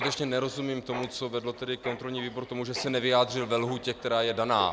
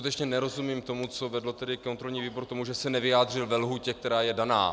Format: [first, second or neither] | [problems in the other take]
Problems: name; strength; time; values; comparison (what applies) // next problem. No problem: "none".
second | background sound (Mechanisms); 14 dB below the speech